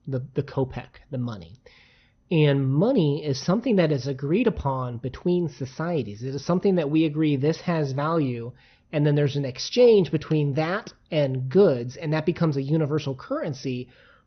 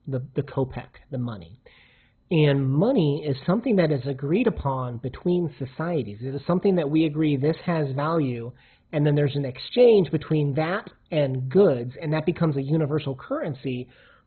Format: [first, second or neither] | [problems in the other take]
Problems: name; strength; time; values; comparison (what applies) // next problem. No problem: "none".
first | garbled, watery; badly; nothing above 4 kHz; slightly in the first